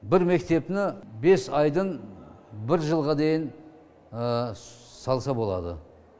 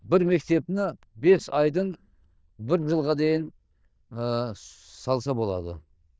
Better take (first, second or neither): first